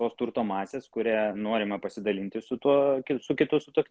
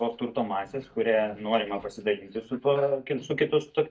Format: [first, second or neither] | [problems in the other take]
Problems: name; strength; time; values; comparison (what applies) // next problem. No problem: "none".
first | noise reduction (neural mask model DeepFilterNet 3)